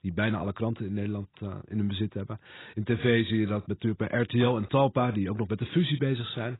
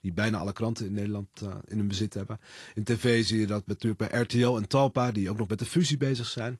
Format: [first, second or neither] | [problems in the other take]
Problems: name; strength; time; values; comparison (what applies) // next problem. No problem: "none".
second | garbled, watery; badly; nothing above 4 kHz; slightly in the second